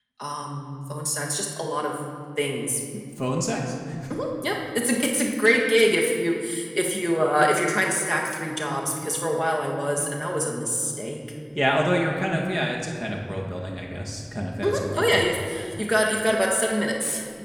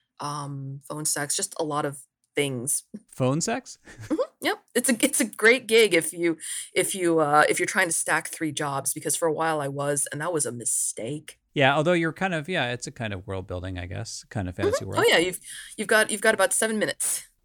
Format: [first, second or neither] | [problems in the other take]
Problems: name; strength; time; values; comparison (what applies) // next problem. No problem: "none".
second | room echo; noticeable; dies away in 2.1 s // off-mic speech; somewhat distant